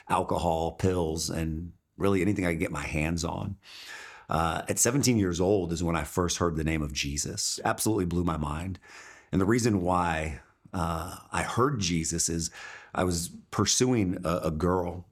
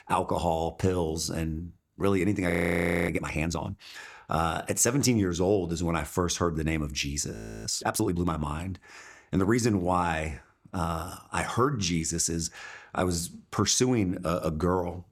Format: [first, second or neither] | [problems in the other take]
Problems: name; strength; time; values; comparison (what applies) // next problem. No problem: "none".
first | audio freezing; at 2.5 s for 0.5 s and at 7.5 s